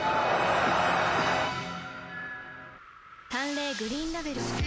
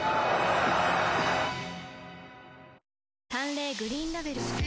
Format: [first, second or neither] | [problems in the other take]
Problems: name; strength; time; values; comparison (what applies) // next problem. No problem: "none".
second | background sound (Wind); 14 dB below the speech